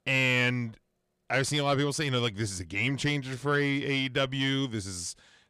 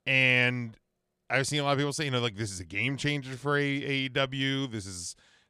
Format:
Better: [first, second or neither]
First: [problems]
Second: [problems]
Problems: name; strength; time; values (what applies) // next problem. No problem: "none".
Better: second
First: distortion; slight; 10 dB below the speech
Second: none